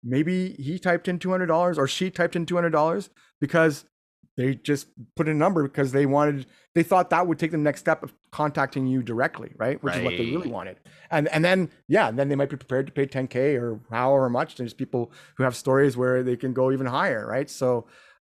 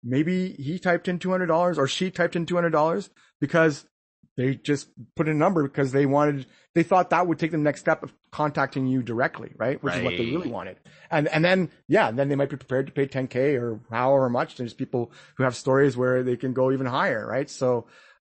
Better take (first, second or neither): first